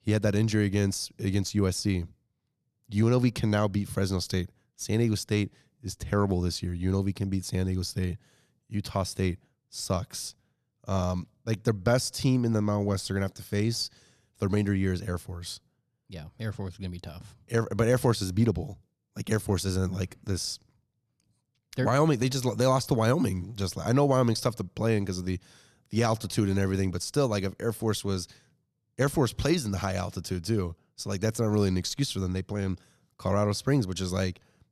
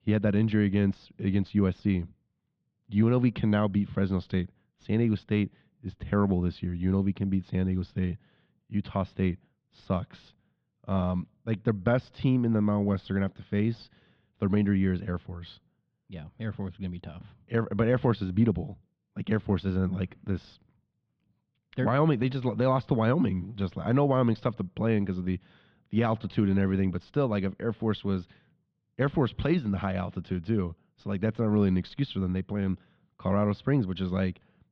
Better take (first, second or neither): first